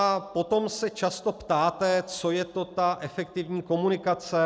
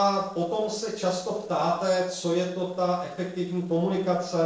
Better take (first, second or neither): first